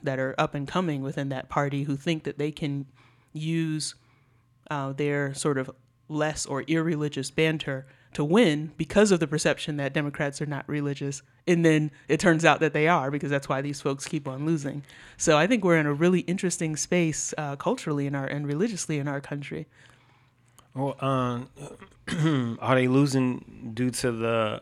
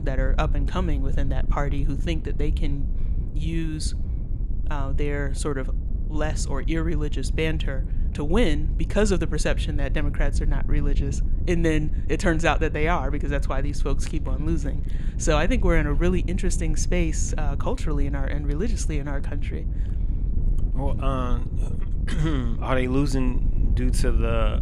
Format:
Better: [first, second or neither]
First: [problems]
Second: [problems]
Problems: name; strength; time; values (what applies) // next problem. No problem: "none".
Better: first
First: none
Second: wind noise on the microphone; occasional gusts; 15 dB below the speech